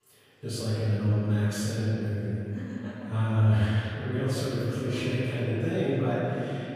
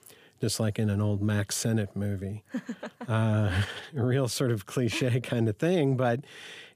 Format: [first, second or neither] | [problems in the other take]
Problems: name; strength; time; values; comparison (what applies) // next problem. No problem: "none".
second | off-mic speech; far // room echo; strong; dies away in 2.6 s